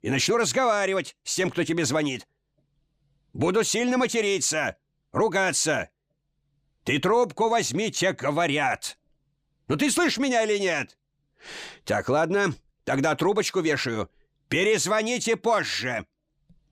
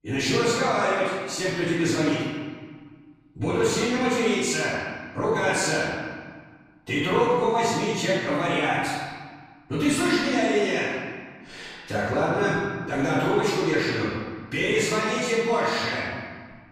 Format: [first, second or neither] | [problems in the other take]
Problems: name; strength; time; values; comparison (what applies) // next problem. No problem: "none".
first | room echo; strong; dies away in 1.5 s // off-mic speech; far